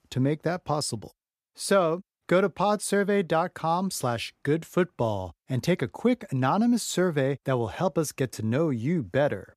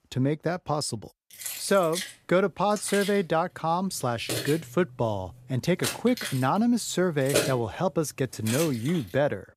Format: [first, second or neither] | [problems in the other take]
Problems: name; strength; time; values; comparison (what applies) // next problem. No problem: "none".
first | jangling keys; loud; from 1.5 to 8.5 s; peak 1 dB above the speech